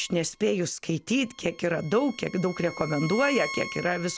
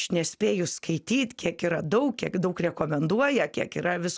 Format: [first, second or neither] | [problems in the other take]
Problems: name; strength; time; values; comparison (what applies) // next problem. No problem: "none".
second | background sound (Bowed string instrument); 13 dB below the speech